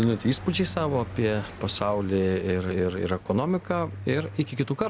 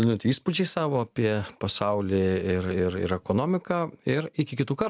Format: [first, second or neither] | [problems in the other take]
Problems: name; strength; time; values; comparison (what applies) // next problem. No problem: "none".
second | background sound (Car passing by); 14 dB below the speech